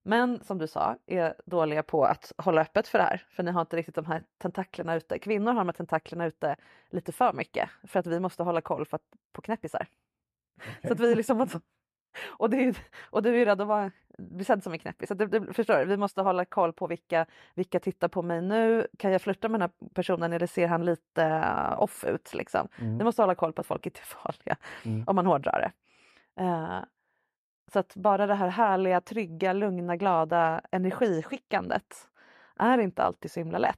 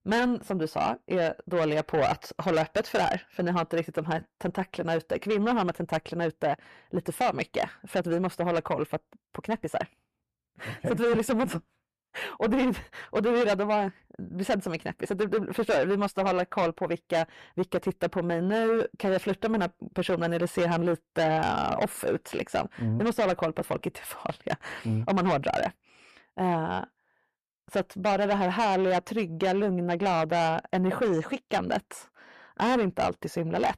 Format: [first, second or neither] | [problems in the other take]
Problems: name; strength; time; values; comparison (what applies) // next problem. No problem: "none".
first | distortion; heavy; 7 dB below the speech